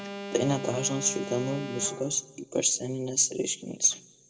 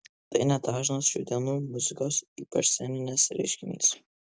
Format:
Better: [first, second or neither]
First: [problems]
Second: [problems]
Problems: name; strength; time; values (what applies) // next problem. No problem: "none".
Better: second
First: background sound (Alarm); 11 dB below the speech // room echo; dies away in 0.9 s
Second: none